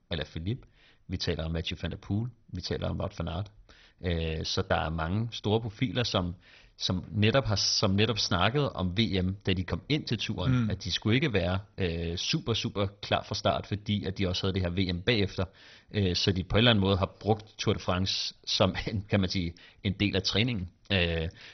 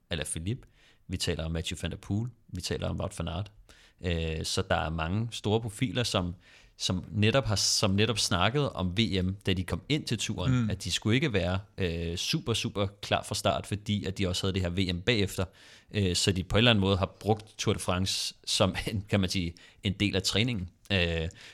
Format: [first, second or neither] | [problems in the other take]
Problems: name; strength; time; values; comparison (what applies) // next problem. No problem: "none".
second | garbled, watery; badly; nothing above 6 kHz